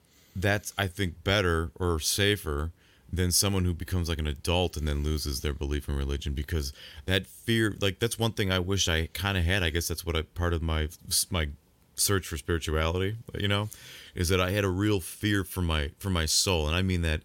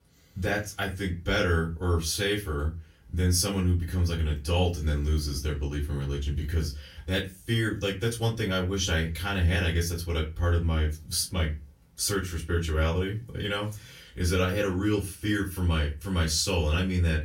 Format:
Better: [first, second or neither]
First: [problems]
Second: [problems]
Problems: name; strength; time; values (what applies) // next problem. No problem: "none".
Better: first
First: none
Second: off-mic speech; far // room echo; very slight; dies away in 0.2 s